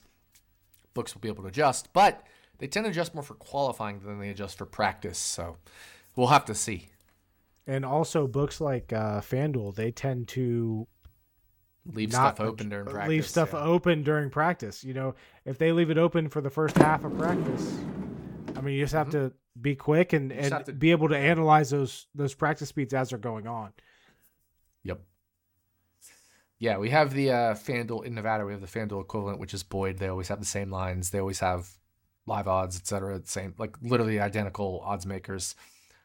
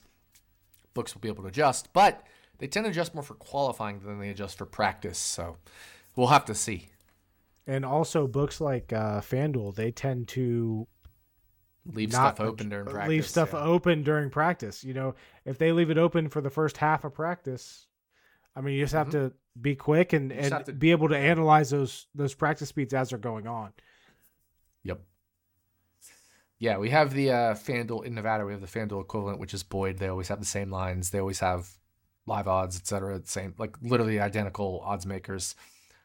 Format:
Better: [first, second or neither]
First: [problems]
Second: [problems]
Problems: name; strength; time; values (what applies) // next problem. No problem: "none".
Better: second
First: door banging; loud; at 17 s; peak 4 dB above the speech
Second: none